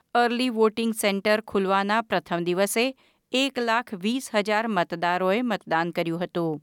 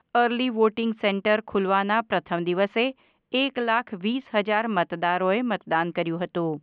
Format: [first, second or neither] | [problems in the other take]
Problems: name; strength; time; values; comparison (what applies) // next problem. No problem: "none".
first | muffled; very; fading above 3 kHz